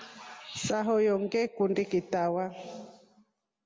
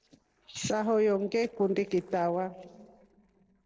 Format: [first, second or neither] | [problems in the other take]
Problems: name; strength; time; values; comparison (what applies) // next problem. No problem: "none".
first | noise reduction (neural separator model SepFormer DNS4)